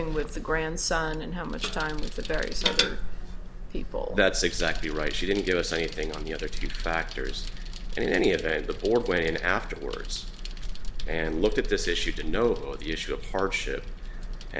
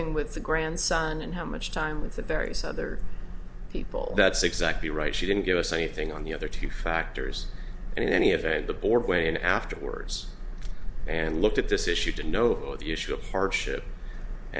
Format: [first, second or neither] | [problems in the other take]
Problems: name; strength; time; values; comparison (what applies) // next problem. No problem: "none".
second | background sound (Bicycle); 13 dB below the speech